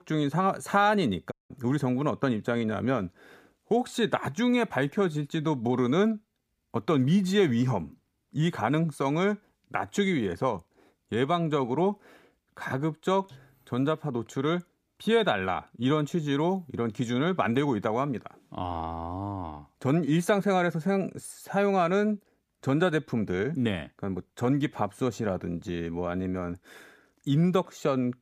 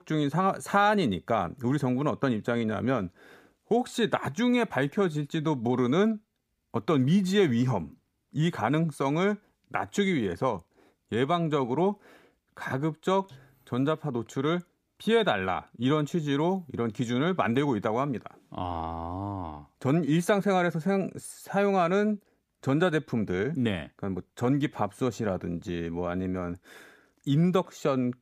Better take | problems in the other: second | audio cutting out; at 1.5 s

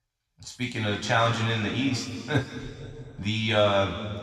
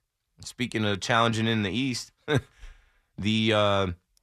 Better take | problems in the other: second | room echo; noticeable; dies away in 2.2 s // off-mic speech; somewhat distant

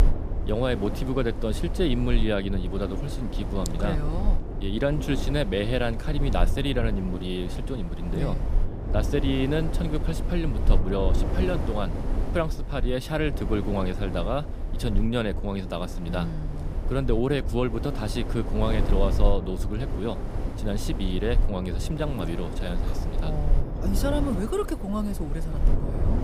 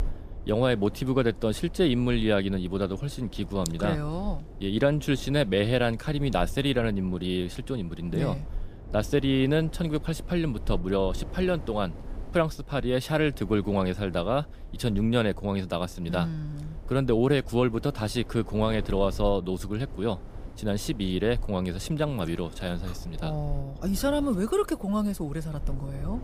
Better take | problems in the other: second | wind noise on the microphone; heavy; 8 dB below the speech; occasional gusts in the second

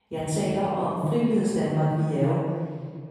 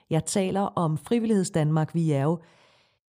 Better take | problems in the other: second | off-mic speech; far // room echo; strong; dies away in 1.6 s

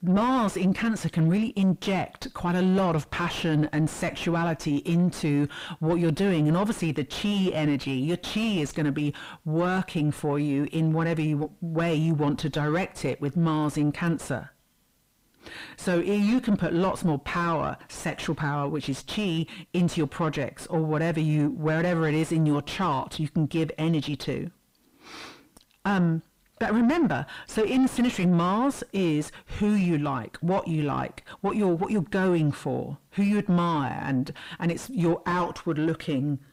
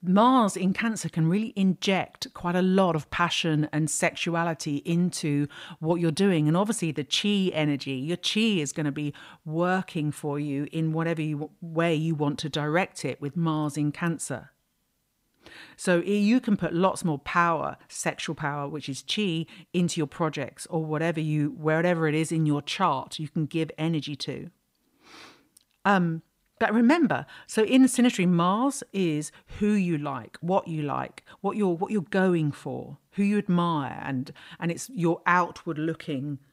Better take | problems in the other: second | distortion; heavy; 7 dB below the speech

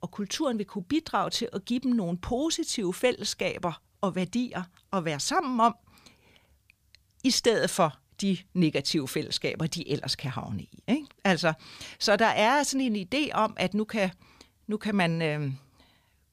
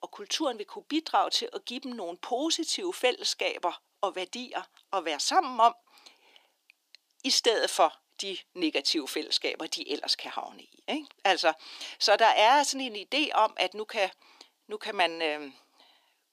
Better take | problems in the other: first | thin; somewhat; fading below 300 Hz

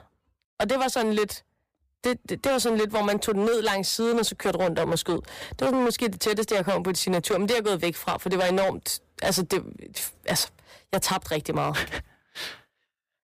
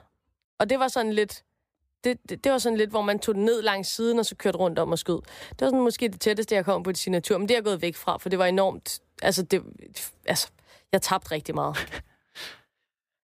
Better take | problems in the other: second | distortion; heavy; 14% of the sound clipped

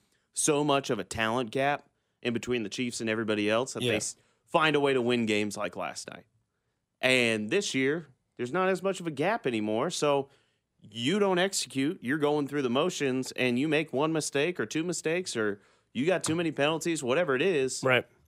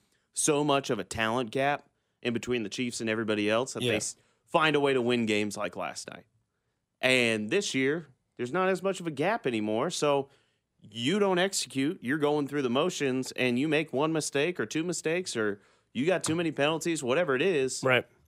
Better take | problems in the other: neither | none

